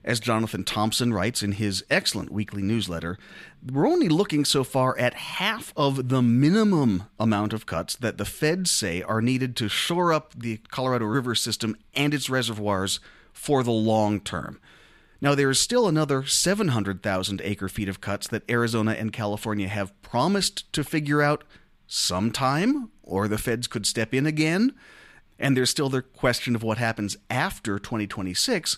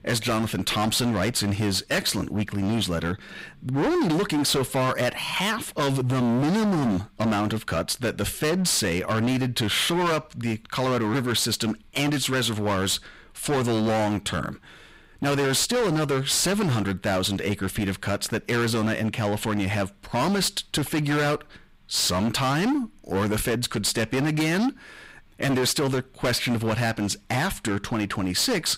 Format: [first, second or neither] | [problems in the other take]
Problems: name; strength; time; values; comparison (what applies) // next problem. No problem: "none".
first | distortion; heavy; 23% of the sound clipped